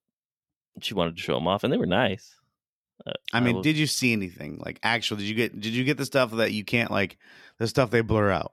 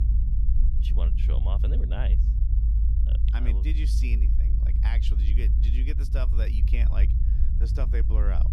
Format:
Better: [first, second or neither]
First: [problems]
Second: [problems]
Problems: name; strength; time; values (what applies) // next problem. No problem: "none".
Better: first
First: none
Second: low rumble; loud; throughout; 4 dB below the speech